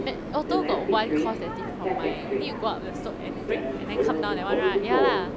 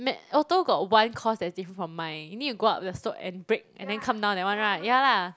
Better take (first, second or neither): second